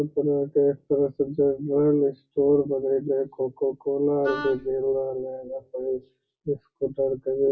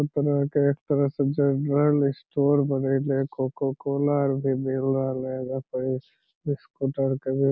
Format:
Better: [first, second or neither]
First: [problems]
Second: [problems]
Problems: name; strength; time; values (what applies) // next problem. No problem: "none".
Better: second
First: noise reduction (classical method WPE with log-MMSE)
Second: none